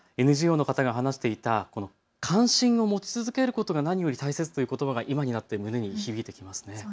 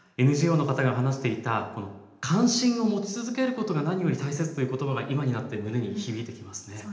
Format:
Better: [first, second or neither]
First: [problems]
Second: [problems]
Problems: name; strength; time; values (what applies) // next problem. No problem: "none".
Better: first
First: none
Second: room echo; dies away in 0.9 s